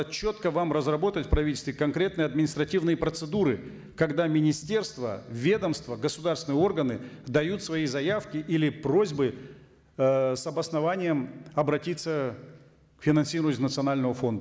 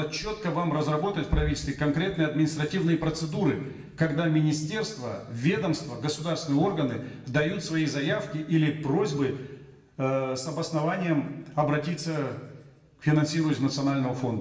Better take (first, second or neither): first